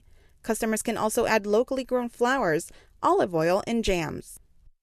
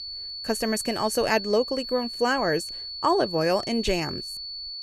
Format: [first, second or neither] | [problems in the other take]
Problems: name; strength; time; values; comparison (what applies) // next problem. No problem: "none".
first | high-pitched whine; loud; throughout; 4.5 kHz, 7 dB below the speech